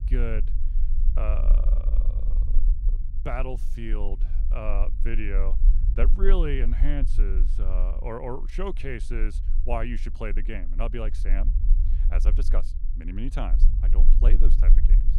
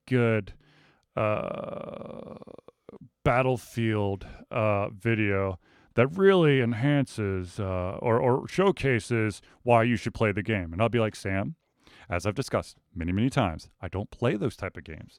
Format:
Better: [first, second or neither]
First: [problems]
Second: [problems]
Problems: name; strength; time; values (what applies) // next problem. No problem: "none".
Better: second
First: low rumble; noticeable; throughout; 15 dB below the speech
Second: none